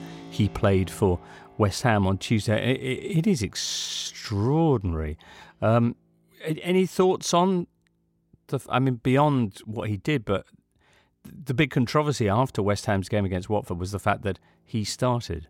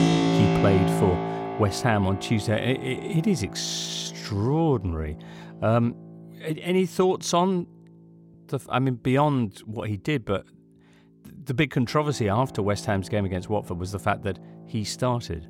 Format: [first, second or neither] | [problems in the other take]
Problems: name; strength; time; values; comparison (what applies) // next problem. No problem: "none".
first | background music; loud; throughout; 4 dB below the speech; faint in the first